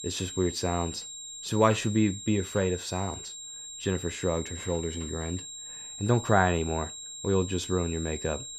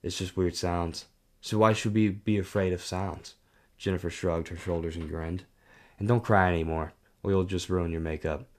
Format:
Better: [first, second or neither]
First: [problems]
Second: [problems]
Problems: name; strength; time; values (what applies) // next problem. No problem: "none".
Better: second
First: high-pitched whine; loud; throughout; 7.5 kHz, 9 dB below the speech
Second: none